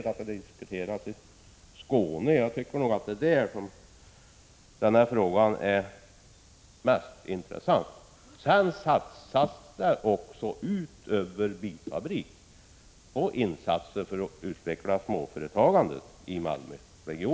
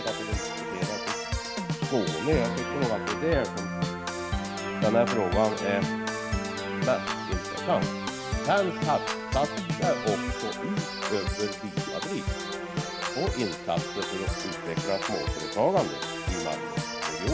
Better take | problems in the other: first | background sound (Organ); as loud as the speech

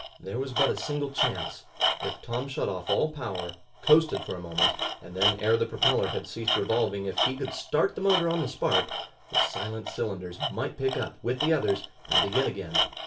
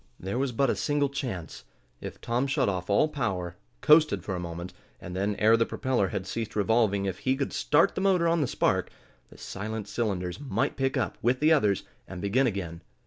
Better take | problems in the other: second | background sound (Tools); 2 dB below the speech // room echo; dies away in 0.2 s

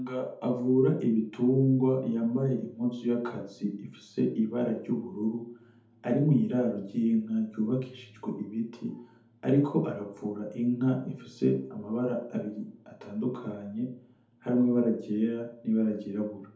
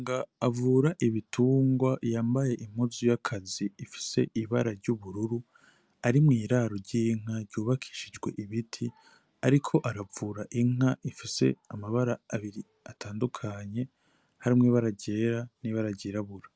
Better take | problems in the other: second | room echo; dies away in 0.6 s

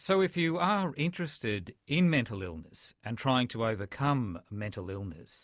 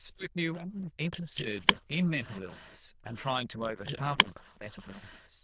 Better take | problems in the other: first | noise reduction (neural diffusion model UNIVERSE++)

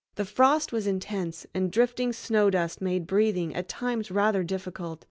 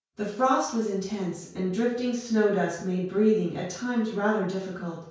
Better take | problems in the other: first | room echo; dies away in 0.5 s

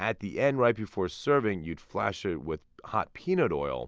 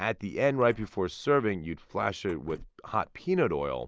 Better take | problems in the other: first | noise reduction (neural mask model Resemble Enhance denoiser)

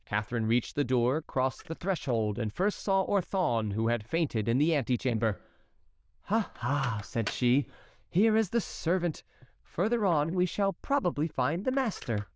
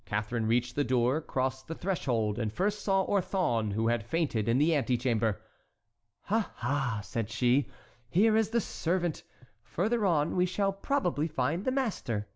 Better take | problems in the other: second | noise reduction (neural diffusion model UNIVERSE++)

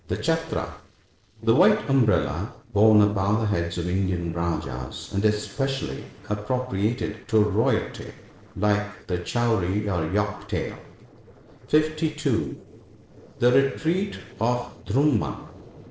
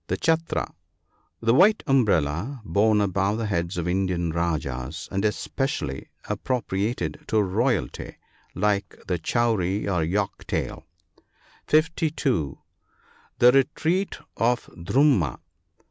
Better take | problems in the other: second | noise reduction (neural separator model SepFormer DNS4)

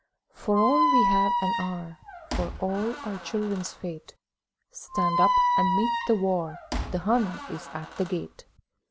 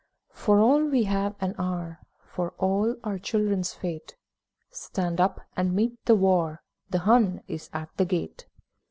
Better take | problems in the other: second | background sound (Squeak); 1 dB above the speech

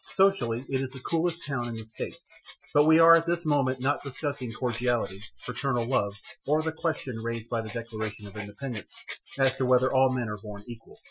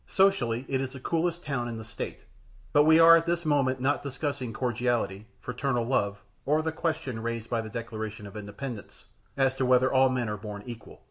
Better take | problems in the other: second | noise reduction (classical method Wiener filter)

